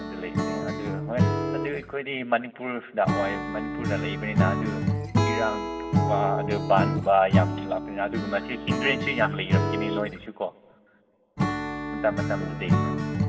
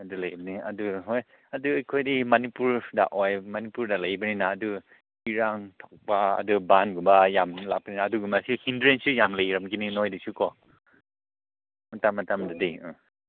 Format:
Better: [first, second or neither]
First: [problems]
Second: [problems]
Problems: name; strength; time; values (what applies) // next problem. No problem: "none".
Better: second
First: background sound (Acoustic guitar / Strum); 2 dB above the speech // room echo; dies away in 1.6 s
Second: none